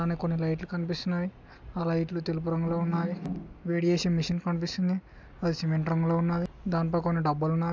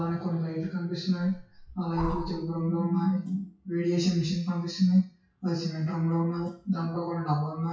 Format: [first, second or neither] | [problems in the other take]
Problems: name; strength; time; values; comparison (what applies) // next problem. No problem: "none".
first | noise reduction (classical method WPE with log-MMSE)